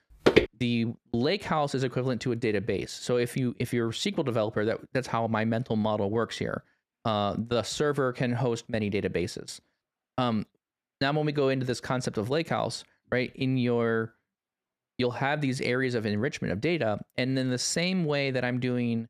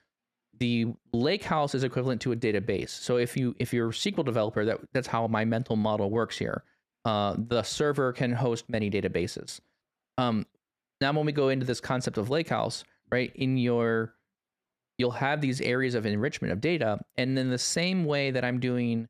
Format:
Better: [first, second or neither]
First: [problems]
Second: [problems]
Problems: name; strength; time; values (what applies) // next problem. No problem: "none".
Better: second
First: footsteps; loud; at 0.5 s; peak 6 dB above the speech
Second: none